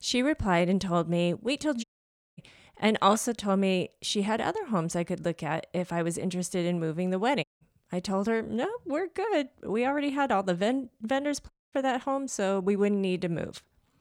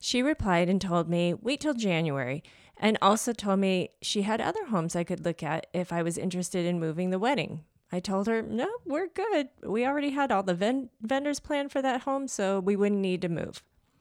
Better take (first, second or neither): second